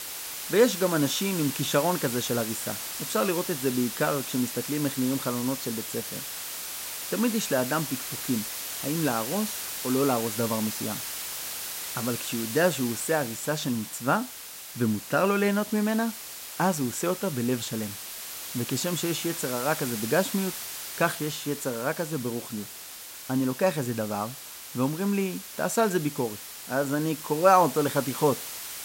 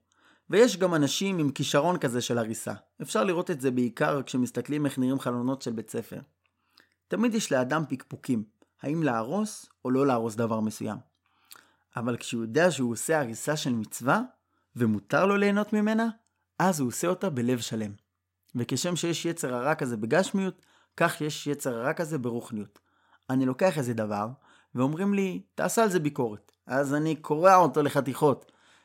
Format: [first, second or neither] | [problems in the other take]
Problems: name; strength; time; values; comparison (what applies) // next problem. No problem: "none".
second | hiss; loud; throughout; 6 dB below the speech